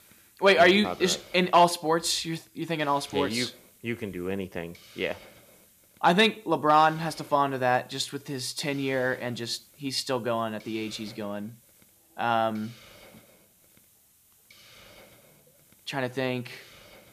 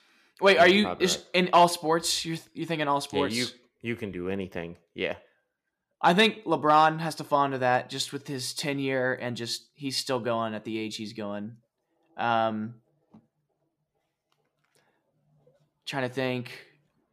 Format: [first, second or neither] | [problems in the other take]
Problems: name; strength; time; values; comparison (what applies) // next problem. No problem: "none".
second | hiss; faint; throughout; 25 dB below the speech